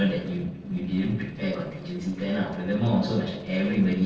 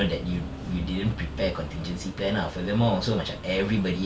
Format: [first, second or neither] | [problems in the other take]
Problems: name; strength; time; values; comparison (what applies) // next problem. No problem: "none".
second | noise reduction (neural separator model SepFormer DNS4)